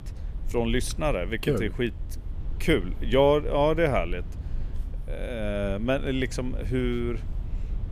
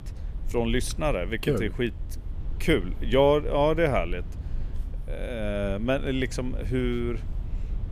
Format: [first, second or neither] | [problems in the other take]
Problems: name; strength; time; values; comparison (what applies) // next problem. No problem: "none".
neither | low rumble; faint; throughout; 25 dB below the speech; the same in both